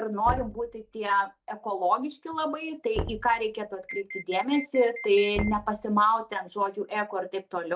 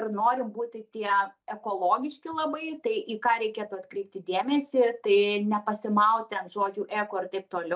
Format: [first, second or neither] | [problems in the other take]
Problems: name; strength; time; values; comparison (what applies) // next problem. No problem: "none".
second | background sound (Knock + Alarm); 12 dB below the speech